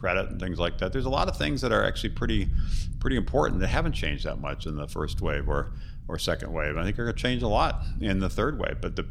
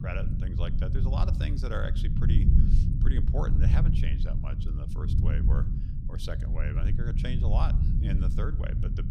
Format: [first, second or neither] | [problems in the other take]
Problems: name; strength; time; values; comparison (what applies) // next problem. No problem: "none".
first | low rumble; loud; throughout; 2 dB below the speech; faint in the first